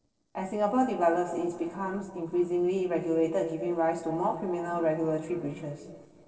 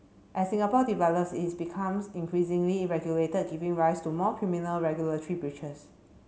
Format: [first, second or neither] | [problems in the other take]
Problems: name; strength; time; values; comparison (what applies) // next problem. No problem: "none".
second | noise reduction (neural separator model SepFormer DNS4)